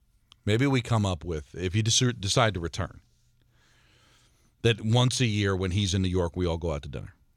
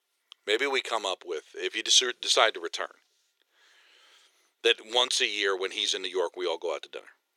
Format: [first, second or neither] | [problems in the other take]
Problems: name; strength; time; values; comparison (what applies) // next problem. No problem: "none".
first | thin; very; fading below 400 Hz